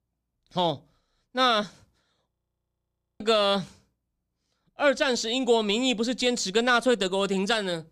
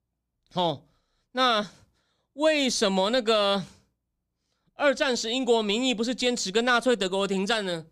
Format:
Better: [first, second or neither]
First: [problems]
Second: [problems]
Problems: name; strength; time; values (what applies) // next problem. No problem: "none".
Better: second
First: audio freezing; at 2.5 s for 1 s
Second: none